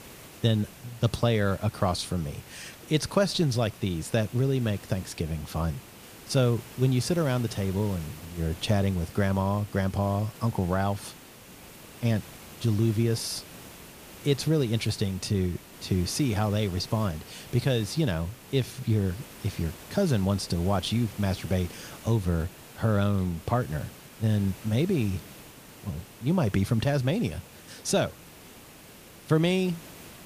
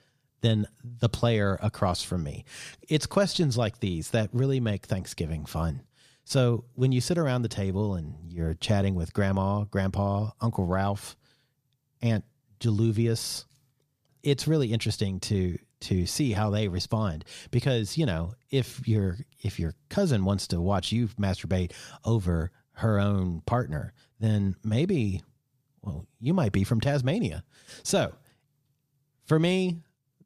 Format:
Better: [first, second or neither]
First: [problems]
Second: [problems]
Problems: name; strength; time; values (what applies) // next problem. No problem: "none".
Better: second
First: hiss; noticeable; throughout; 20 dB below the speech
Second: none